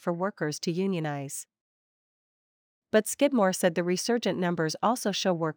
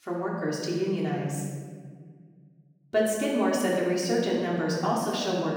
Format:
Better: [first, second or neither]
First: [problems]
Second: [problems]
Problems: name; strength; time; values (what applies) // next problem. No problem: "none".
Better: first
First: none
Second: off-mic speech; far // room echo; noticeable; dies away in 1.6 s